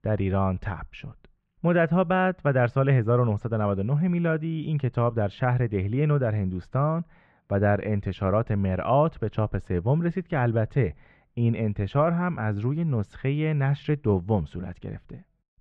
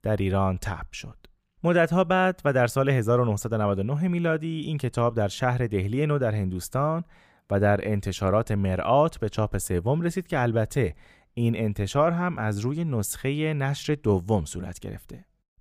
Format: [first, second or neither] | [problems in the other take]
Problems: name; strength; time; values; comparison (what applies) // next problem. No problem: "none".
second | muffled; very; fading above 2.5 kHz